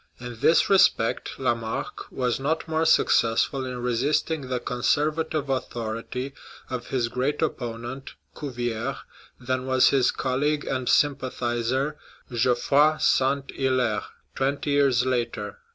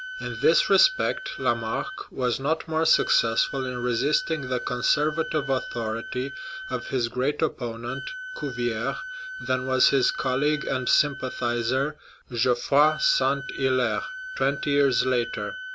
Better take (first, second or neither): first